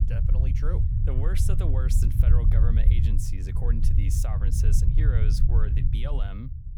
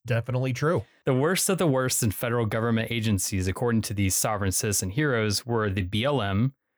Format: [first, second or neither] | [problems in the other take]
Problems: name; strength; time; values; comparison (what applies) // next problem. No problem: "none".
second | low rumble; loud; throughout; as loud as the speech